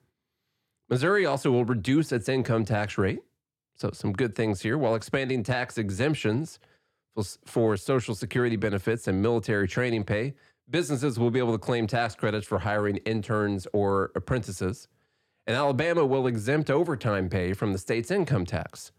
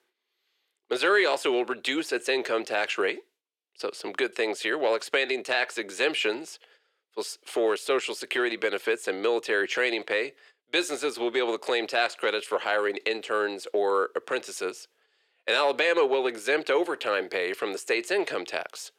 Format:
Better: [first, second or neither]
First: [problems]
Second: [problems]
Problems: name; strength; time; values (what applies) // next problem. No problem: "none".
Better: first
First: none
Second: thin; very; fading below 400 Hz